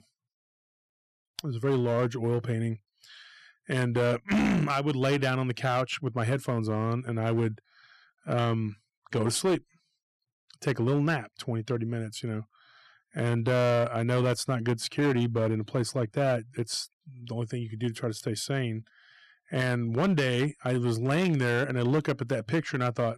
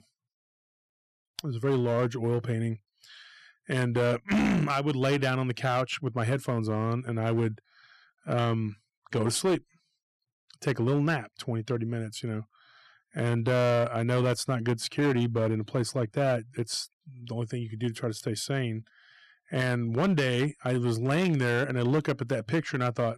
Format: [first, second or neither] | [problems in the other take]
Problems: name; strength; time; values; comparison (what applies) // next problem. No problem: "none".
neither | distortion; slight; 8% of the sound clipped; the same in both